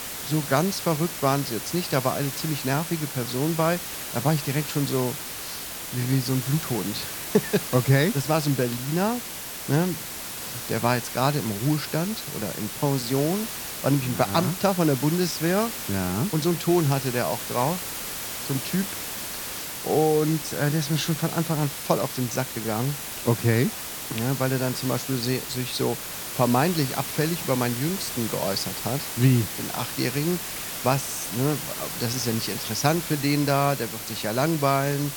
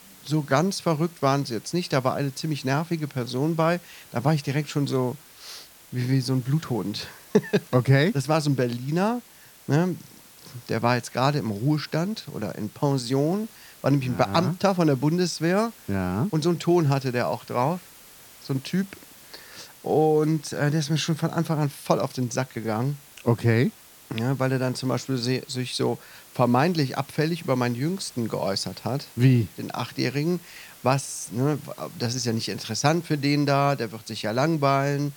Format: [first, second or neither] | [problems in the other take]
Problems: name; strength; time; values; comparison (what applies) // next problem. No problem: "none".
second | hiss; loud; throughout; 6 dB below the speech; faint in the second